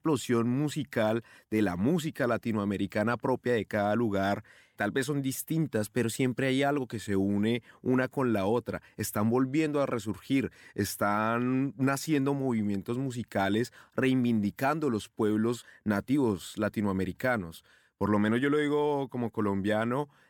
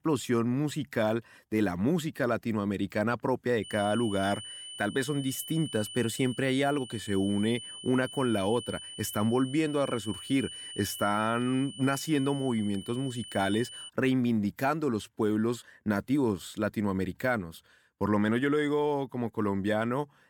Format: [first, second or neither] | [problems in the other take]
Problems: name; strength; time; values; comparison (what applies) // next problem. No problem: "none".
first | high-pitched whine; noticeable; from 3.5 to 14 s; 3 kHz, 10 dB below the speech